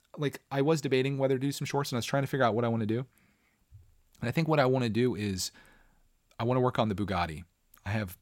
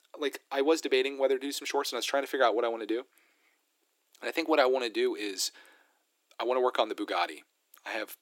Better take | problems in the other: first | thin; somewhat; fading below 300 Hz

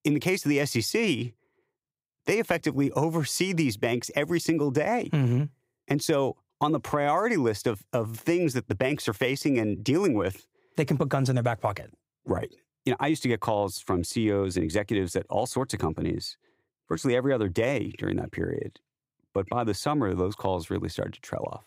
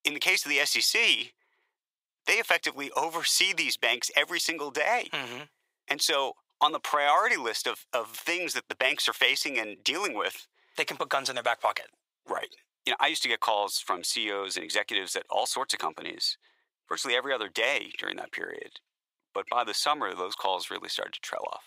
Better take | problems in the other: first | thin; very; fading below 900 Hz

